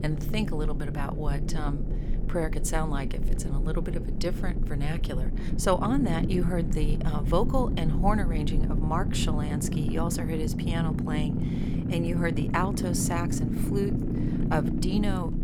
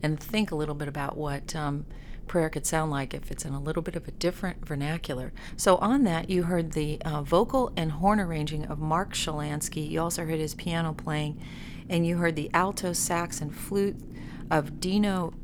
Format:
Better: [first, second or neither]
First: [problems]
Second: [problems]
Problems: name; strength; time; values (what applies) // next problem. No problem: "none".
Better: second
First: low rumble; loud; throughout; 5 dB below the speech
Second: low rumble; faint; throughout; 20 dB below the speech